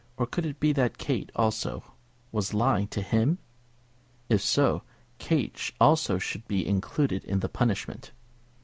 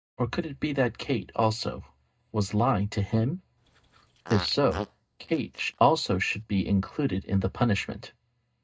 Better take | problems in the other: first | noise reduction (neural mask model DeepFilterNet 3)

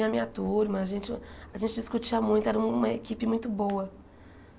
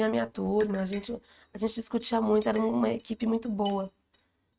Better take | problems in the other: first | noise reduction (neural mask model RNNoise)

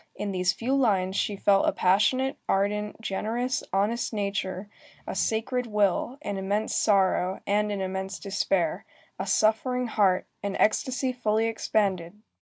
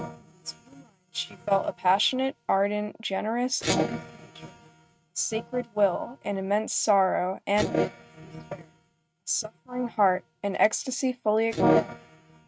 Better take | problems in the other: first | noise reduction (neural mask model RNNoise)

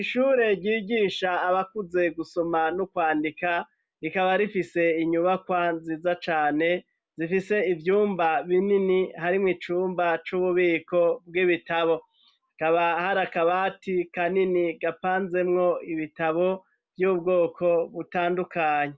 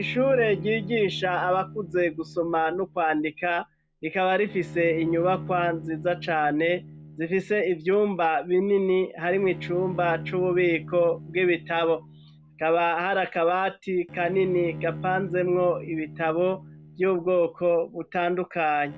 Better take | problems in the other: first | background sound (Bowed string instrument); 15 dB below the speech

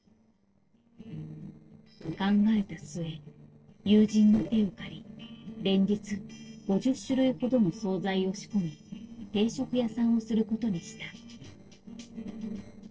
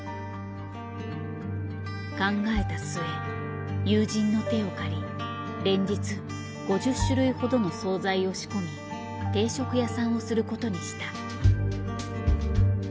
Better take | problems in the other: second | noise reduction (neural separator model SepFormer DNS4)

